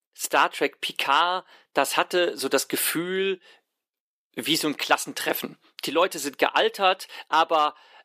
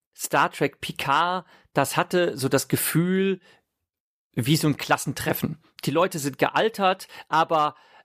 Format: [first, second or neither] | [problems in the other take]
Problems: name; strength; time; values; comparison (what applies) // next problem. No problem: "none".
second | thin; somewhat; fading below 300 Hz